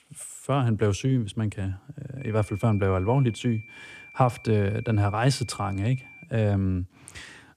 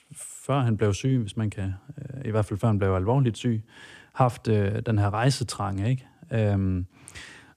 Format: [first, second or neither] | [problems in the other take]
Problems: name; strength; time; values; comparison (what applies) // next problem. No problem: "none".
second | high-pitched whine; noticeable; from 2 to 6.5 s; 2.5 kHz, 20 dB below the speech